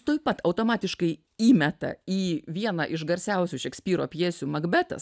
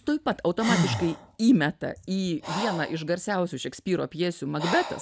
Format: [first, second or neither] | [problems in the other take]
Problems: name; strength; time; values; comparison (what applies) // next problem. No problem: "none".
first | background sound (Breathing); 7 dB below the speech